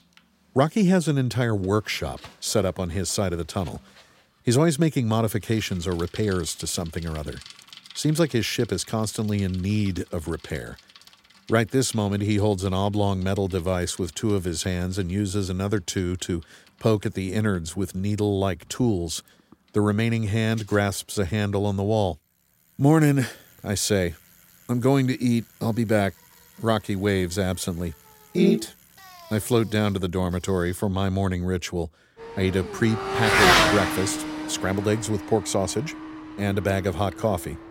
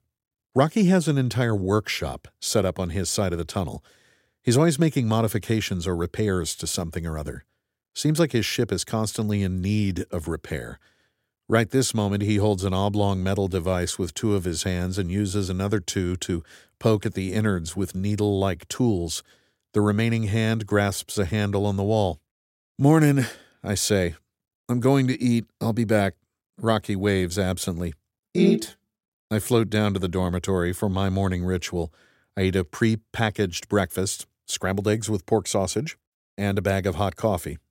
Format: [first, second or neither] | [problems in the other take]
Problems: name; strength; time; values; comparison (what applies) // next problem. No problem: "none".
second | traffic noise; loud; throughout; 2 dB below the speech